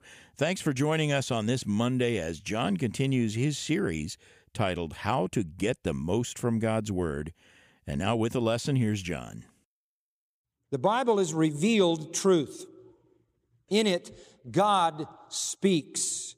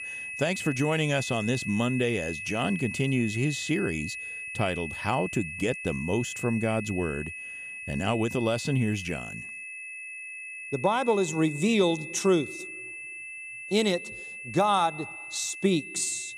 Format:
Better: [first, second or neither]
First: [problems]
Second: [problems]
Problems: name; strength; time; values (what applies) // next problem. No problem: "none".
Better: first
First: none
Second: high-pitched whine; loud; throughout; 2.5 kHz, 8 dB below the speech